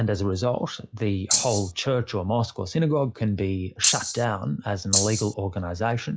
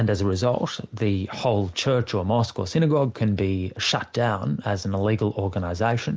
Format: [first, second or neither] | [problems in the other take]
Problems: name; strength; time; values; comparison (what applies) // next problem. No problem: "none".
second | noise reduction (classical method log-MMSE)